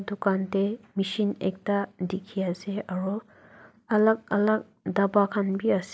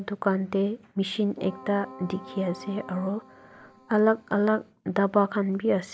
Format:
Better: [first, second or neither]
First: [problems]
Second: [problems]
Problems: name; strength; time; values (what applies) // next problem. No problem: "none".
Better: first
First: none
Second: background sound (Keyboard (musical)); 18 dB below the speech